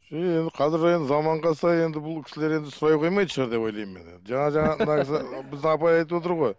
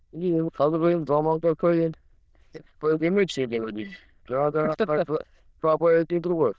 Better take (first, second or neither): first